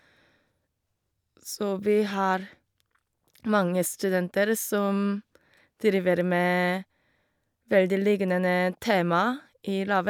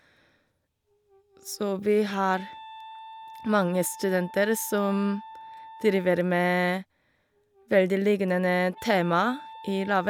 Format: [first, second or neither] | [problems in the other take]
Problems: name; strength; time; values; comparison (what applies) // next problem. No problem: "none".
first | background sound (Wind instrument, woodwind instrument); 19 dB below the speech